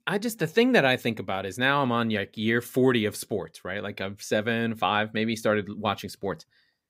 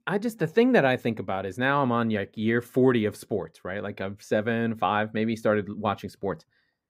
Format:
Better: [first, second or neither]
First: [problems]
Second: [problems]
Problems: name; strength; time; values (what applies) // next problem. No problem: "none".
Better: first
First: none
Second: muffled; slightly; fading above 2 kHz